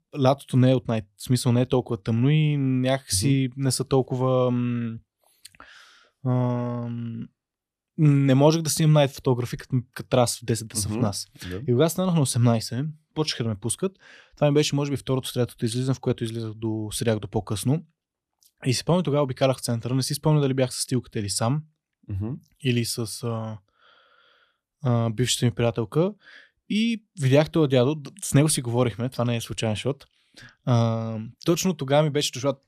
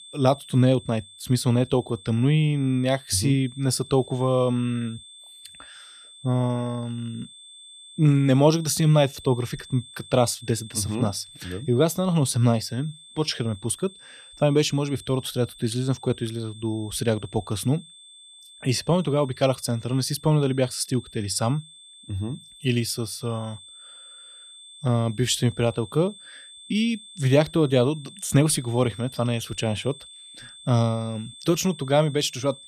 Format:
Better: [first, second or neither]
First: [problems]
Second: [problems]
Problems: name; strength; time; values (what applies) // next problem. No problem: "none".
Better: first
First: none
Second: high-pitched whine; noticeable; throughout; 3.5 kHz, 20 dB below the speech